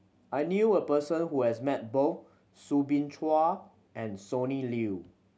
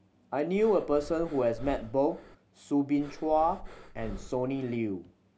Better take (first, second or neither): first